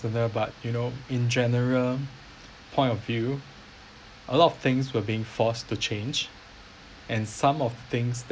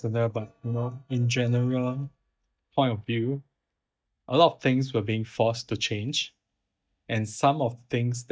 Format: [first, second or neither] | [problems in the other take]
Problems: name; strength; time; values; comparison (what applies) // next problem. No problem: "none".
first | noise reduction (neural mask model DeepFilterNet 3)